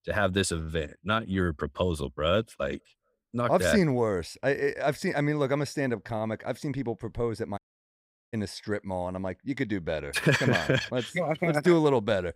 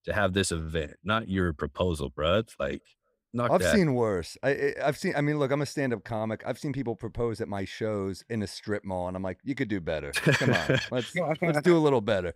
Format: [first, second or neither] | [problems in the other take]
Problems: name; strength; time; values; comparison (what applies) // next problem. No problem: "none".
second | audio cutting out; at 7.5 s for 0.5 s